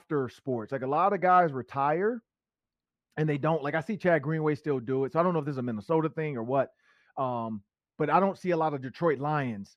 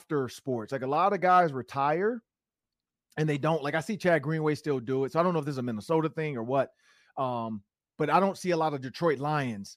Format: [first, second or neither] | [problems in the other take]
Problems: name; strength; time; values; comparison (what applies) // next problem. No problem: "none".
second | muffled; slightly; fading above 3.5 kHz